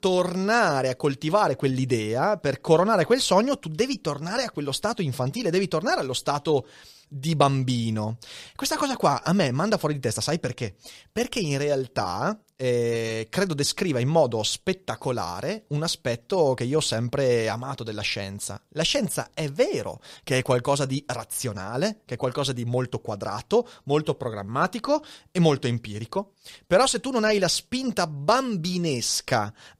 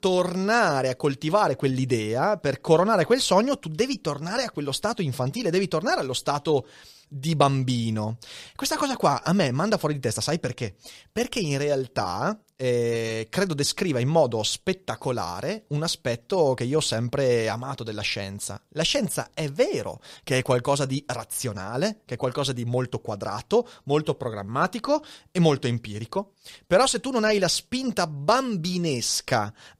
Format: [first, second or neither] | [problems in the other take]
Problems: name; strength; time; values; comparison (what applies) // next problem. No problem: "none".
neither | none